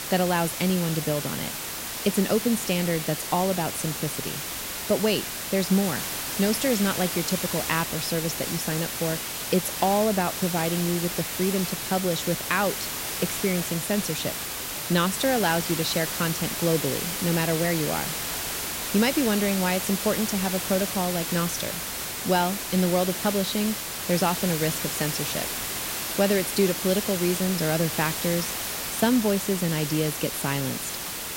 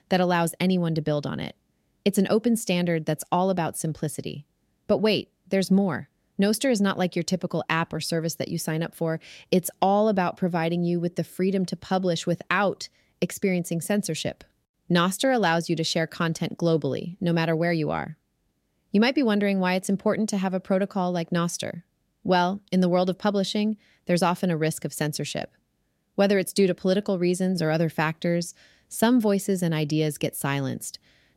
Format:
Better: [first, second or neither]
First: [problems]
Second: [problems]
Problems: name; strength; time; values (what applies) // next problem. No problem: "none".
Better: second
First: hiss; loud; throughout; 3 dB below the speech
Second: none